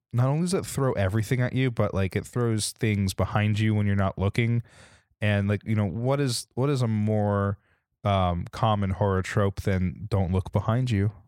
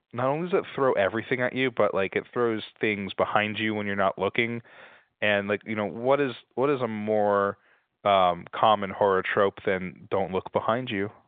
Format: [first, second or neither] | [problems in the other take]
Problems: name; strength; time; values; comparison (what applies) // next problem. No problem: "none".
first | phone-call audio